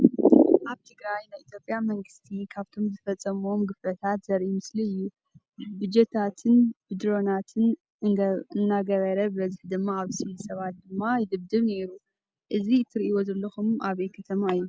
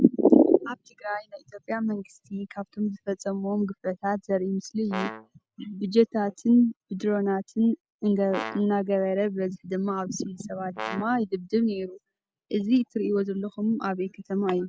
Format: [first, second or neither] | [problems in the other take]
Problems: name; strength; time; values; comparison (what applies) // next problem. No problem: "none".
first | background sound (Brass instrument); 12 dB below the speech